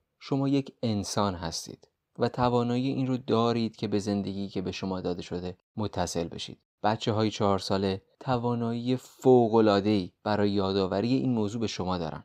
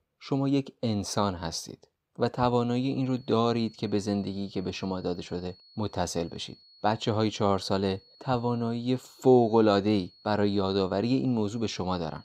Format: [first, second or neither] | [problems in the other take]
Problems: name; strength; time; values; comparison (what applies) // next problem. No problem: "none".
first | high-pitched whine; faint; from 3 s on; 4.5 kHz, 25 dB below the speech